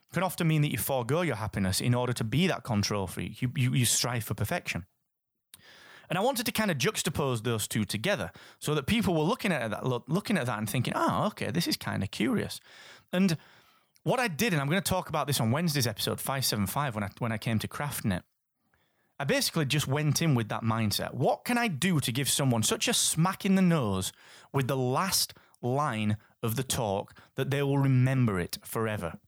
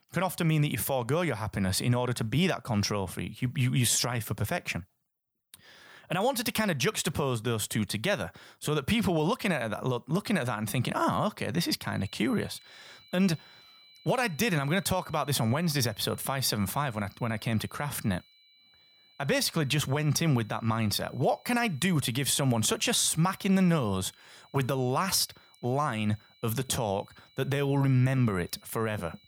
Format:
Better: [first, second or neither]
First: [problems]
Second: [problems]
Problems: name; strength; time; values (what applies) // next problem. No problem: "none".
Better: first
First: none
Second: high-pitched whine; faint; from 12 s on; 4 kHz, 30 dB below the speech